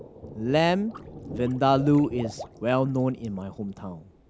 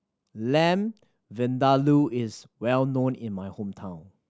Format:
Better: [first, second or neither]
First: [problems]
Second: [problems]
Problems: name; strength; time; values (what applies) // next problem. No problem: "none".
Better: second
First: background sound (Liquid + Thunder); 16 dB below the speech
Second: none